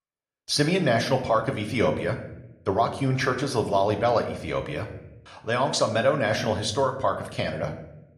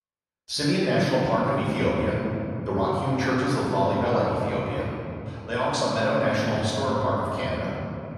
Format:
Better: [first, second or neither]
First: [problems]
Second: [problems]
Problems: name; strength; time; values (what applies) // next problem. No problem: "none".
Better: first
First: room echo; slight; dies away in 0.6 s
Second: room echo; strong; dies away in 3 s // off-mic speech; far